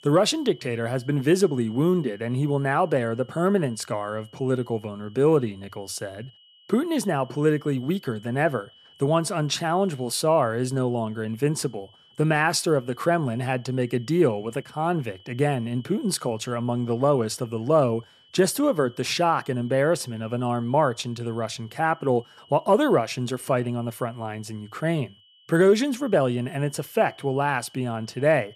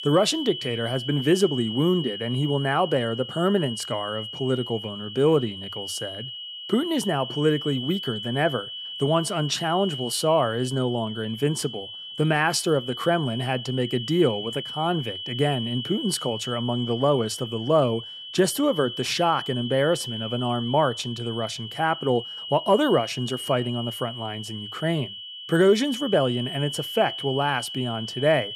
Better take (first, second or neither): first